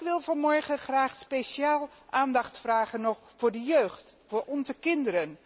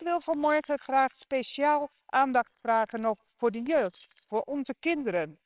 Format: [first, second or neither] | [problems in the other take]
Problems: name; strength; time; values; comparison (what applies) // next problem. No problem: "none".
first | noise reduction (neural separator model SepFormer WHAMR!)